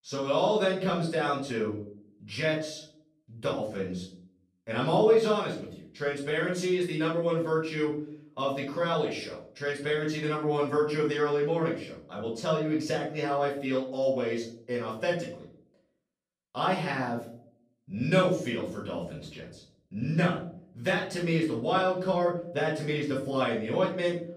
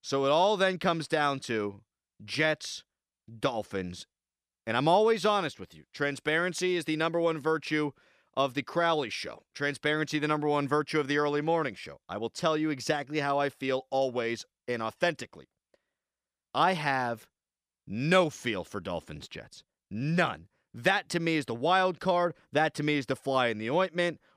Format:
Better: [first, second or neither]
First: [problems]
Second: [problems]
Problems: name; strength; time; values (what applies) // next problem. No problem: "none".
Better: second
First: off-mic speech; far // room echo; noticeable; dies away in 0.5 s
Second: none